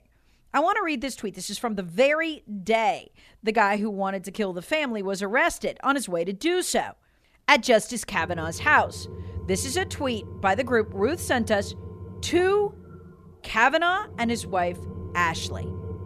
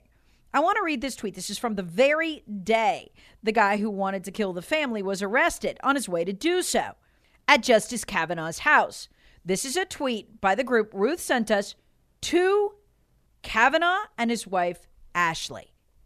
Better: second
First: low rumble; faint; from 8 s on; 20 dB below the speech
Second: none

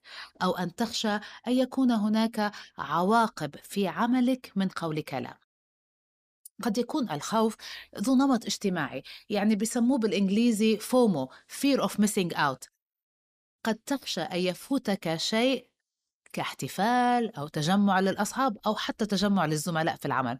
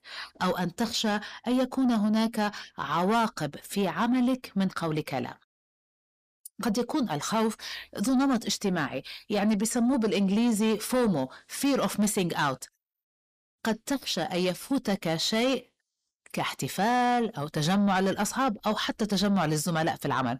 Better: first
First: none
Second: distortion; slight; 10 dB below the speech

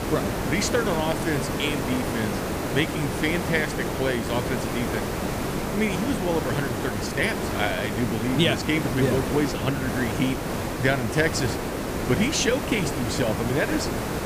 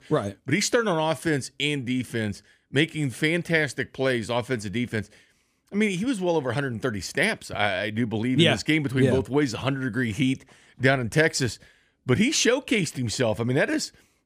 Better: second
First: hiss; loud; throughout; 2 dB below the speech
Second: none

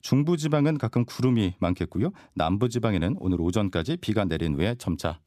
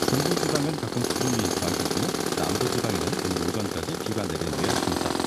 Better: first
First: none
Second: machinery noise; very loud; throughout; 5 dB above the speech

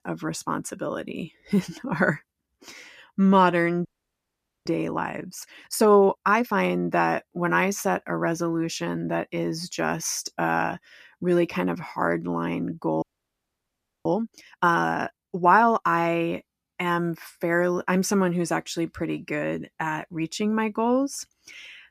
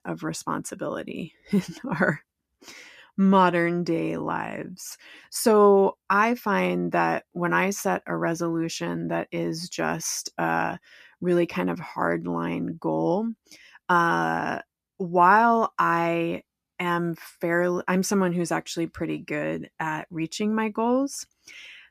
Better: second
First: audio freezing; at 4 s for 1 s and at 13 s for 1 s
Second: none

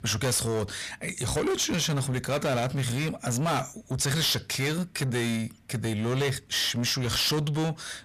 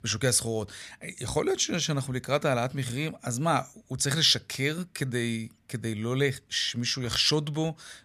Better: second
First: distortion; heavy; 6 dB below the speech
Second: none

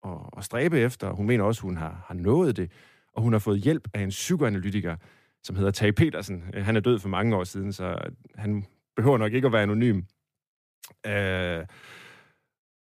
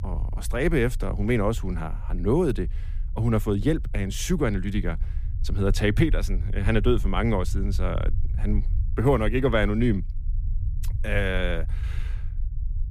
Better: first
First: none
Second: low rumble; faint; throughout; 20 dB below the speech

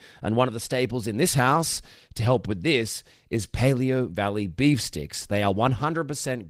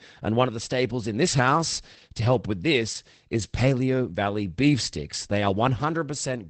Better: first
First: garbled, watery; slightly; nothing above 15.5 kHz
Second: garbled, watery; badly; nothing above 8 kHz

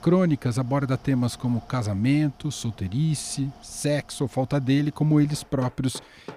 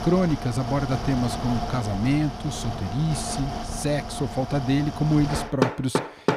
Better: first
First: machinery noise; faint; throughout; 25 dB below the speech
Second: machinery noise; loud; throughout; 5 dB below the speech

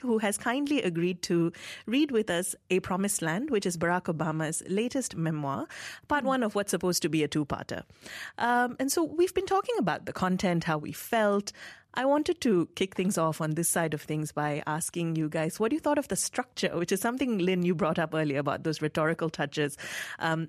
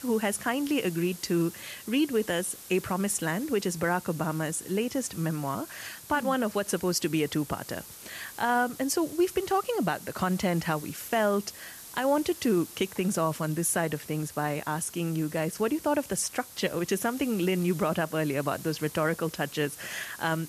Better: first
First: none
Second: hiss; noticeable; throughout; 15 dB below the speech

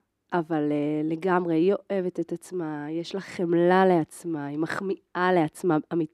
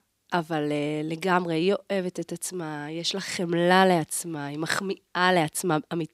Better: second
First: muffled; slightly; fading above 2.5 kHz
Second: none

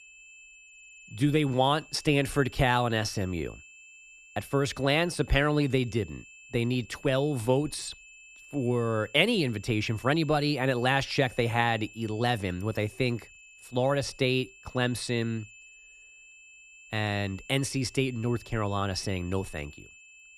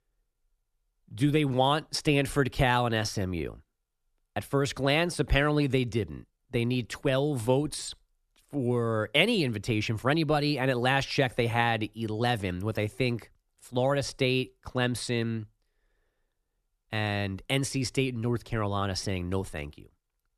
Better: second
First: high-pitched whine; faint; throughout; 2.5 kHz, 20 dB below the speech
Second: none

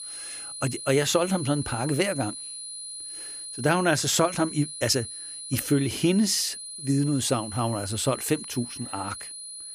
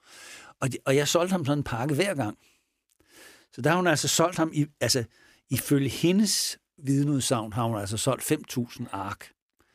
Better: second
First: high-pitched whine; loud; throughout; 10 kHz, 9 dB below the speech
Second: none

